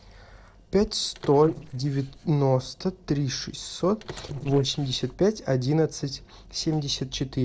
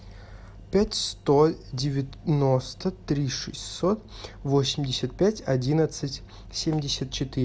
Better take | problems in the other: second | noise reduction (neural separator model SepFormer DNS4)

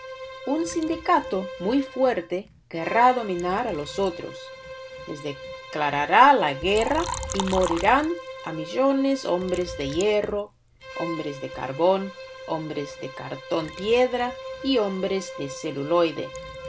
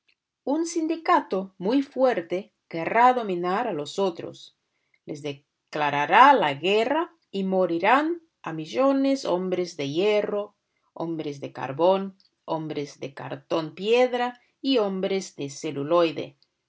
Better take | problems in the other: second | background sound (Bowed string instrument + Liquid); 11 dB below the speech

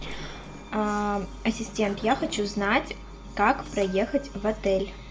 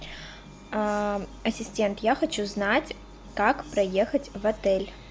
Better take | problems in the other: second | background sound (Sliding door); 19 dB below the speech // room echo; dies away in 0.4 s

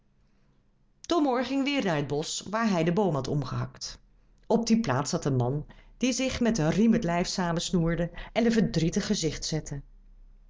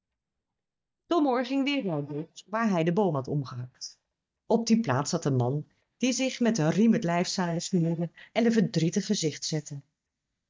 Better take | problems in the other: first | noise reduction (neural mask model DeepFilterNet 3)

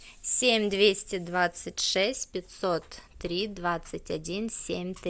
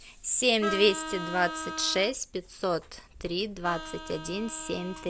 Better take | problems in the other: first | background sound (Vehicle horn, car horn, honking); 10 dB below the speech

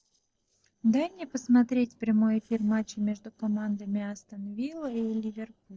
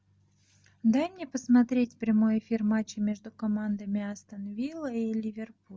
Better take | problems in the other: second | noise reduction (neural separator model SepFormer DNS4)

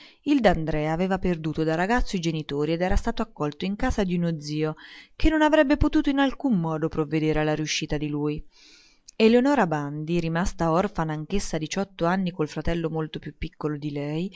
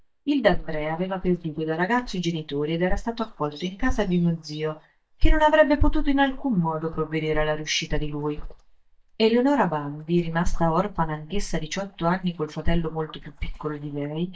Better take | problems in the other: first | noise reduction (neural mask model DeepFilterNet 3)

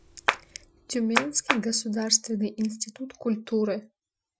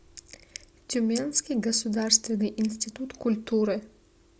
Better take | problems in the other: second | noise reduction (classical method Wiener filter)

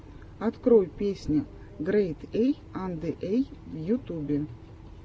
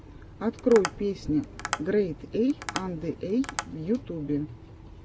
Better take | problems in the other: first | background sound (Tap); 10 dB below the speech

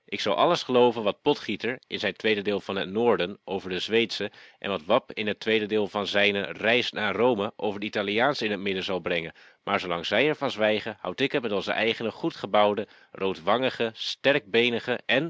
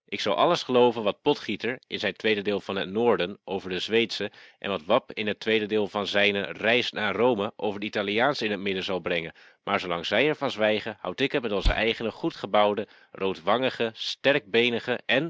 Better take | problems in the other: first | noise reduction (neural mask model DeepFilterNet 3)

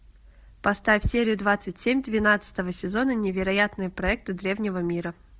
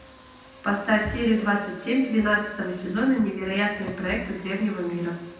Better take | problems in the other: first | background sound (Car); 19 dB below the speech // room echo; dies away in 0.9 s

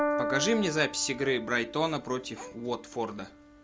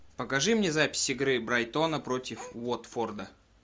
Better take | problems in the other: second | background sound (Piano); 6 dB below the speech

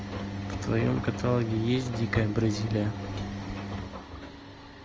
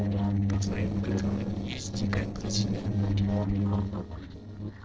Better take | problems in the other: first | noise reduction (neural separator model SepFormer DNS4)

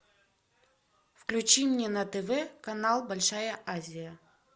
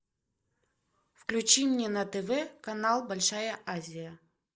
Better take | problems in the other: first | noise reduction (neural mask model Resemble Enhance denoiser)

